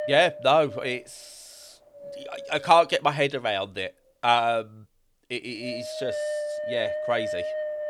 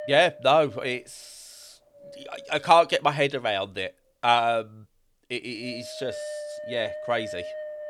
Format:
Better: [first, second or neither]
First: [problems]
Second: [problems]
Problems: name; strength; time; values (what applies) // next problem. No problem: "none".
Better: second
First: wind noise on the microphone; heavy; 9 dB below the speech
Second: wind noise on the microphone; occasional gusts; 15 dB below the speech